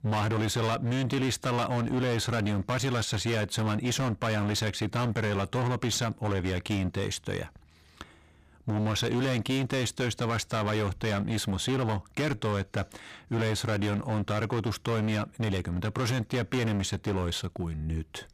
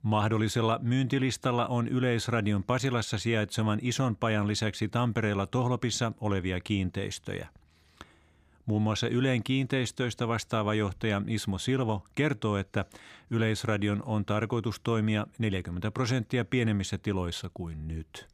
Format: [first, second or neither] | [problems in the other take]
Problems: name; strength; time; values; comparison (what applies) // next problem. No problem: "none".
second | distortion; heavy; 26% of the sound clipped